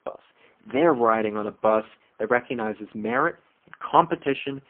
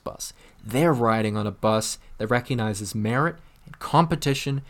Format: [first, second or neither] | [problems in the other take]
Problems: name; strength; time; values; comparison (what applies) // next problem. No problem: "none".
second | phone-call audio; poor line